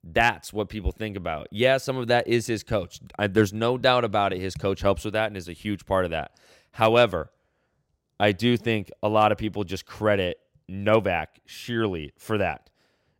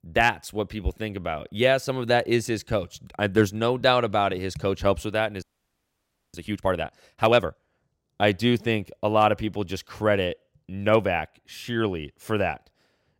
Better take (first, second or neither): first